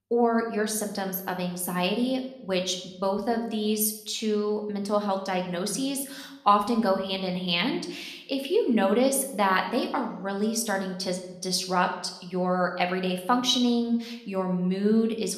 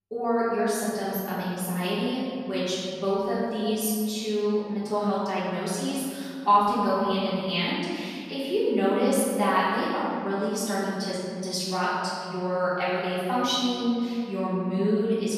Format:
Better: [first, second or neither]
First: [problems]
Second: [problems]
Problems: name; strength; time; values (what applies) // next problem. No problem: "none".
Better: first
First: room echo; slight; dies away in 0.7 s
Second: room echo; strong; dies away in 2.2 s // off-mic speech; far